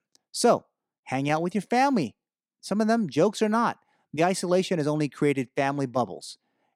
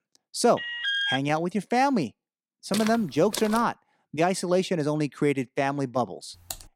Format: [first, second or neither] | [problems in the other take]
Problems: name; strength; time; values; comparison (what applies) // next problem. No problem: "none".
first | alarm; loud; at 0.5 s; peak 1 dB above the speech // footsteps; noticeable; at 2.5 s; peak 7 dB below the speech // keyboard typing; faint; at 6.5 s; peak 15 dB below the speech